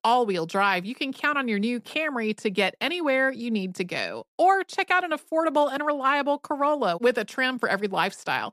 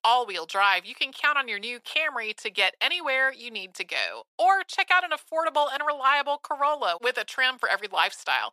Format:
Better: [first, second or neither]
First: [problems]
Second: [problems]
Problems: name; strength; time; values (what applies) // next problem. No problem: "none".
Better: first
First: none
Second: thin; very; fading below 850 Hz